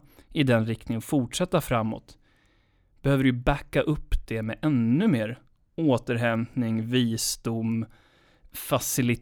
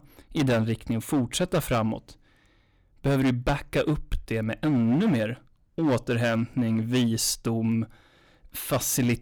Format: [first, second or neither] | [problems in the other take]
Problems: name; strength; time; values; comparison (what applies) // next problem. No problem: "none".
first | distortion; slight; 8% of the sound clipped